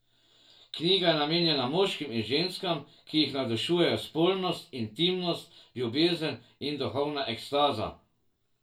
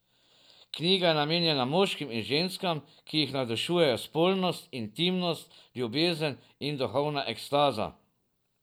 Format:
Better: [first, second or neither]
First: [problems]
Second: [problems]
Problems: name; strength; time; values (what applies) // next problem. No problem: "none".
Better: second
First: room echo; dies away in 0.2 s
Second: none